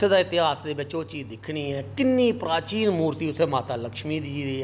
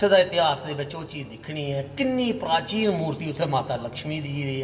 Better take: first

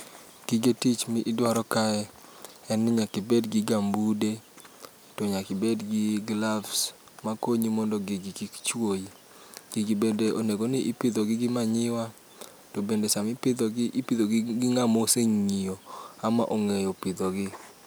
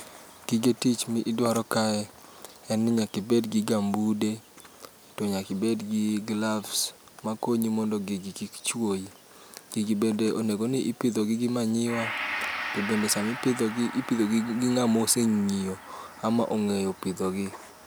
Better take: first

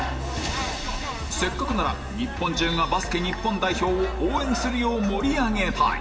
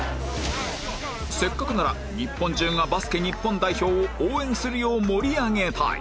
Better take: second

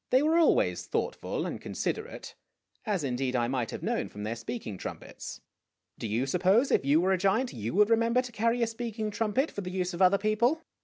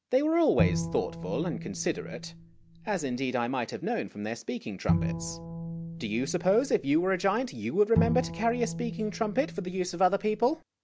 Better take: first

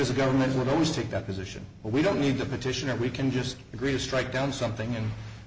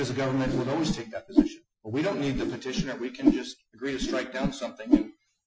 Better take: first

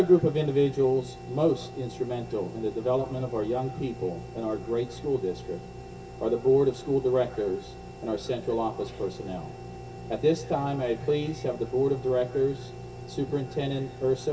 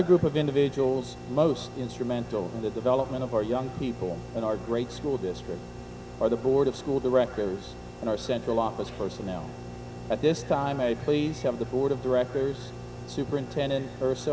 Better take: second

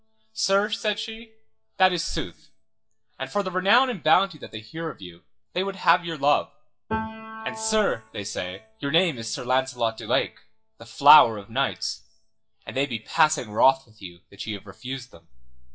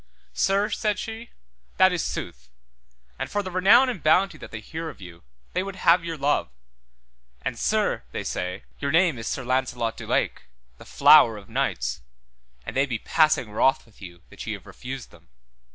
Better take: second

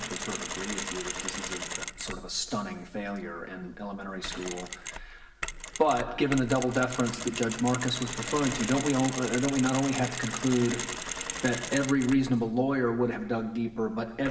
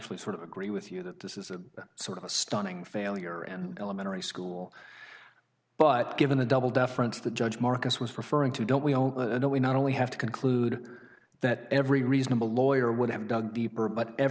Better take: second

